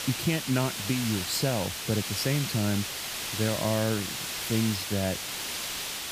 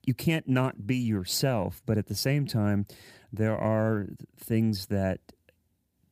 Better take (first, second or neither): second